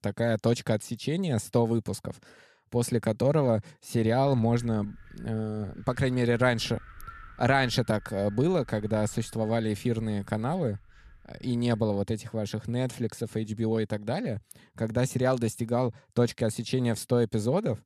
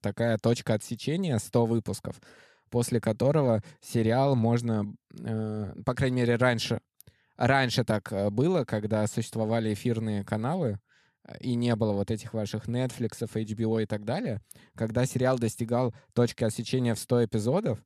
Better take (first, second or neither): second